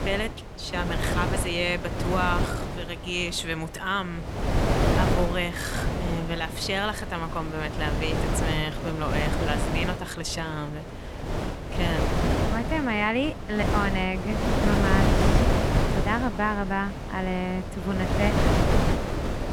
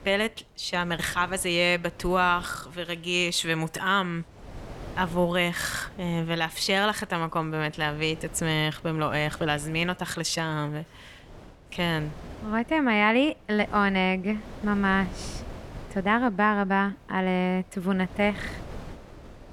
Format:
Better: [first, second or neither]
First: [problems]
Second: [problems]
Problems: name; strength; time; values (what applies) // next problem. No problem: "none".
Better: second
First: wind noise on the microphone; heavy; 1 dB below the speech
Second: wind noise on the microphone; occasional gusts; 20 dB below the speech